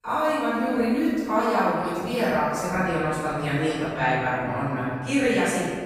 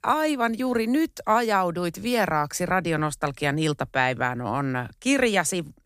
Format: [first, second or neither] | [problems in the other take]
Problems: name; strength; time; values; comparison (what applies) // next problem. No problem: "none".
second | off-mic speech; far // room echo; strong; dies away in 1.8 s